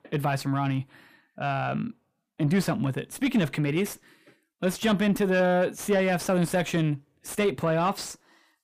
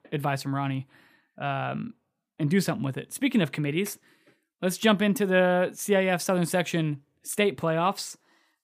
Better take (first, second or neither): second